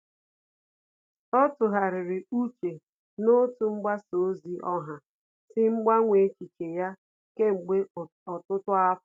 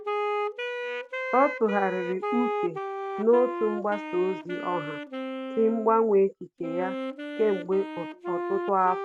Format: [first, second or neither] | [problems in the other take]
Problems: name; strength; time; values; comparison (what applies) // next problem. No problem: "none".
first | background sound (Wind instrument, woodwind instrument); 6 dB below the speech